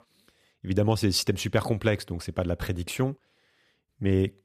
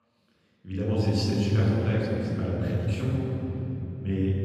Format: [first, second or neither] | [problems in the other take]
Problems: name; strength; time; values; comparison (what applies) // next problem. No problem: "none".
first | room echo; strong; dies away in 3 s // off-mic speech; far